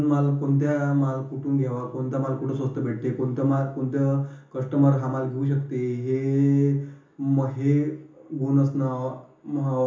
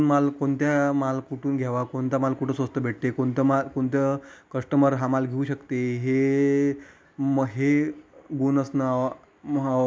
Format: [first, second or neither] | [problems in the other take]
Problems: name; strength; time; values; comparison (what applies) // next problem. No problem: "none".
second | room echo; dies away in 0.7 s